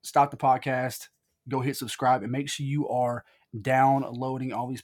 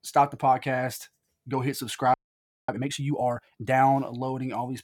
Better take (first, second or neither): first